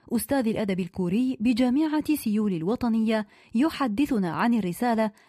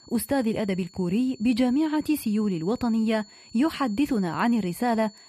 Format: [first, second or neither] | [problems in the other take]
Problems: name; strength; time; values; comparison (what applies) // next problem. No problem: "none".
first | high-pitched whine; faint; throughout; 4.5 kHz, 25 dB below the speech